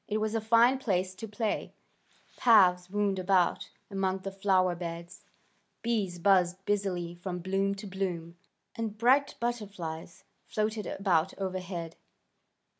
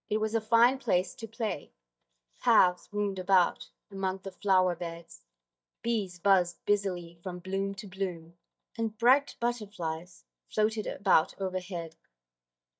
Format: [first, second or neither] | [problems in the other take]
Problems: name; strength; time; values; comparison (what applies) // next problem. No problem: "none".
first | noise reduction (neural mask model DeepFilterNet 3)